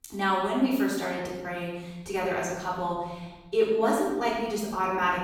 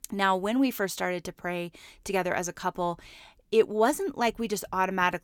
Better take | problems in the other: second | off-mic speech; far // room echo; noticeable; dies away in 1.3 s

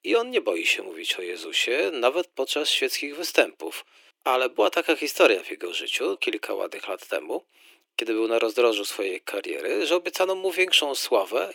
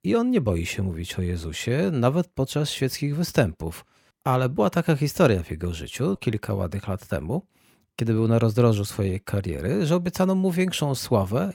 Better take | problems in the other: second | thin; very; fading below 300 Hz

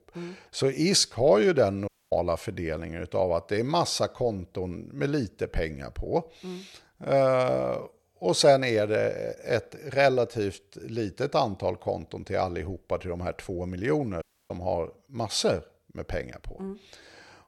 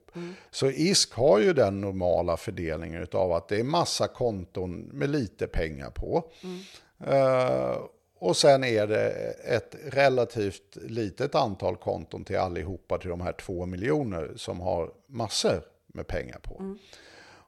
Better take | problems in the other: second | audio cutting out; at 2 s and at 14 s

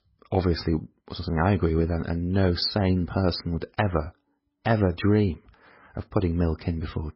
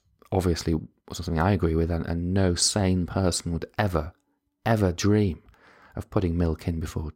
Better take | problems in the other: second | garbled, watery; badly; nothing above 5.5 kHz

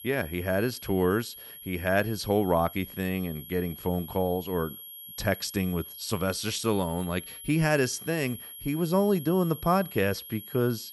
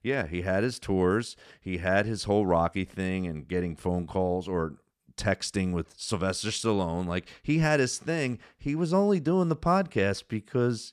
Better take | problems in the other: second | high-pitched whine; noticeable; throughout; 11.5 kHz, 15 dB below the speech

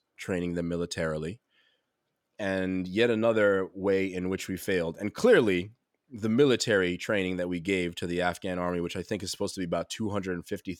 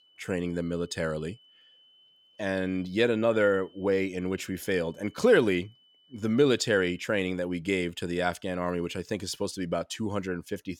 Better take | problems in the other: first | high-pitched whine; faint; until 7 s; 3 kHz, 30 dB below the speech

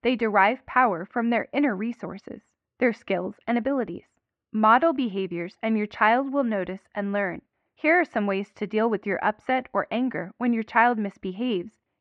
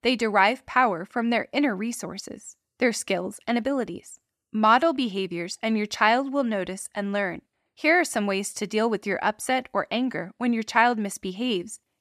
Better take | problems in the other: second | muffled; very; fading above 2.5 kHz

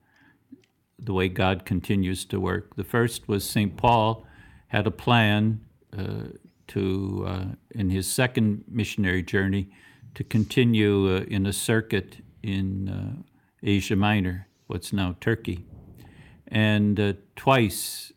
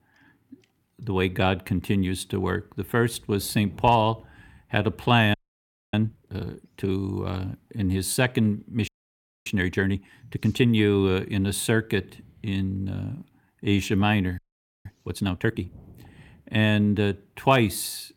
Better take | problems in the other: first | audio freezing; at 5.5 s for 0.5 s, at 9 s for 0.5 s and at 14 s

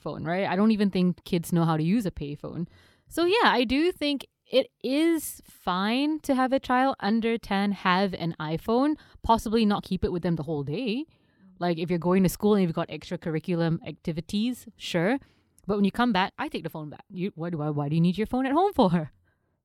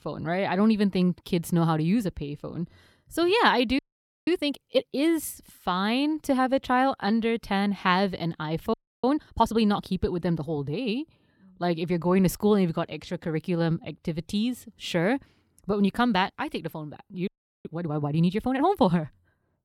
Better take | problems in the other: first | audio freezing; at 4 s, at 8.5 s and at 17 s

